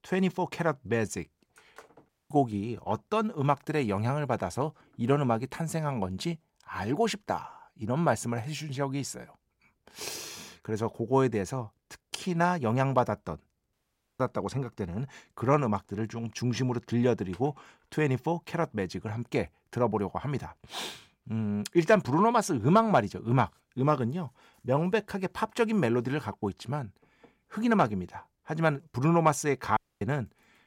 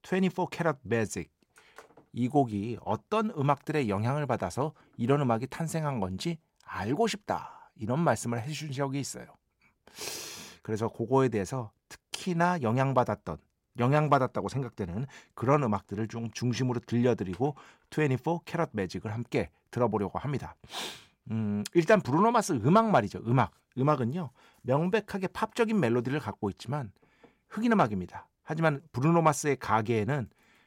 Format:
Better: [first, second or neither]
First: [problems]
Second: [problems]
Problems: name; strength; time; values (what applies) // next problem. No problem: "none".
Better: second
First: audio cutting out; at 2 s, at 14 s and at 30 s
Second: none